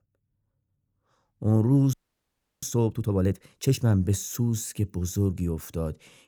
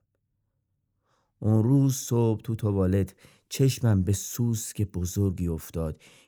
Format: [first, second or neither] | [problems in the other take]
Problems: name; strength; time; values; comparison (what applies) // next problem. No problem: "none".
second | audio freezing; at 2 s for 0.5 s